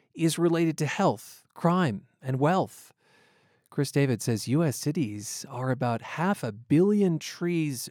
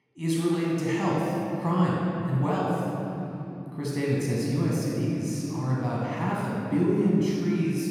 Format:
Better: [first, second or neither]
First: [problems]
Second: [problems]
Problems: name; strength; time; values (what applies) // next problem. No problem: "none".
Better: first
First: none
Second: off-mic speech; far // room echo; strong; dies away in 3 s